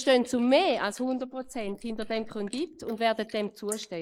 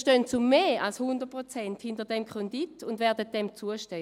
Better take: second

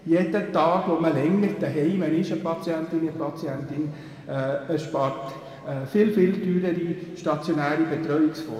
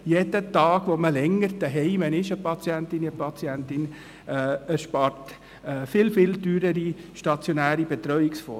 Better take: second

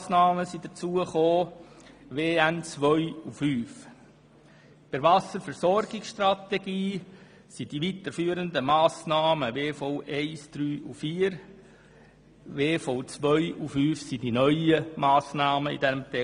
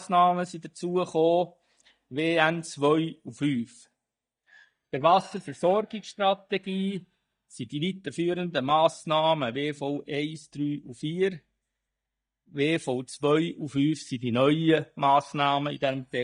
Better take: first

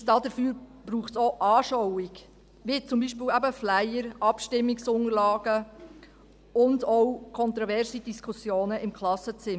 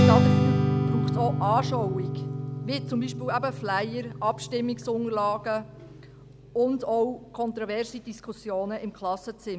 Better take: first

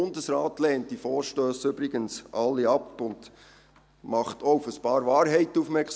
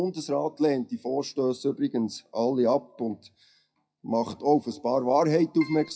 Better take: first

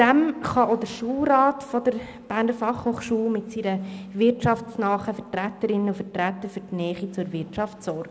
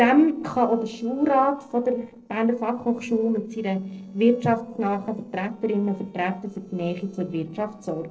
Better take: first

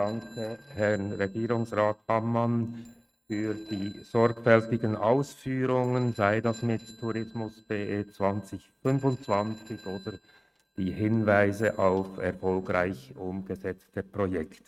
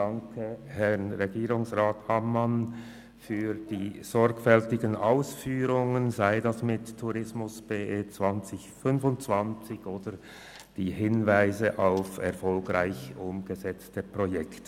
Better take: second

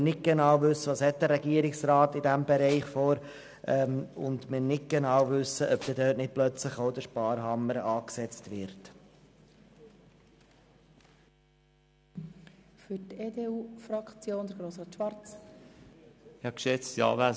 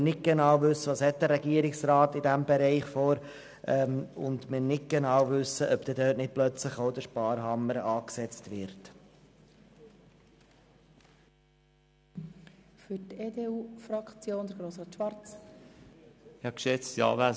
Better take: second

